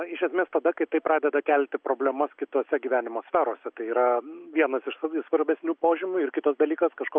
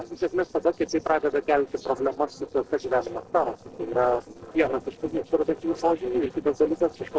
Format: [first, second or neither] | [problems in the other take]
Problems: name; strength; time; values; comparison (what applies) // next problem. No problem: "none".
first | noise reduction (neural separator model SepFormer DNS4)